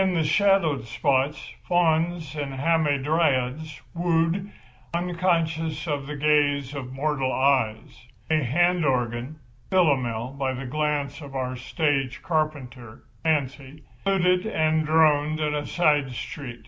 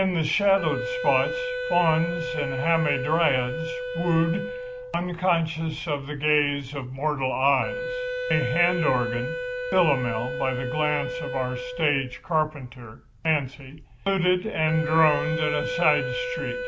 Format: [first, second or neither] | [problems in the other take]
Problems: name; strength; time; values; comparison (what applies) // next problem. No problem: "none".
first | background sound (Wind instrument, woodwind instrument); 7 dB below the speech